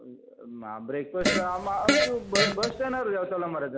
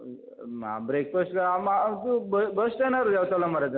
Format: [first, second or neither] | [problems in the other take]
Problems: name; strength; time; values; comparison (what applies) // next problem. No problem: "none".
second | background sound (Fart); 4 dB above the speech